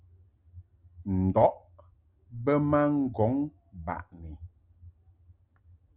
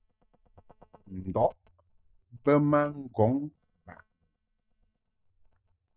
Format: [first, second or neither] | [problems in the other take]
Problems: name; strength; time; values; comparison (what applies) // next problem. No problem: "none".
first | noise reduction (neural mask model DeepFilterNet 3)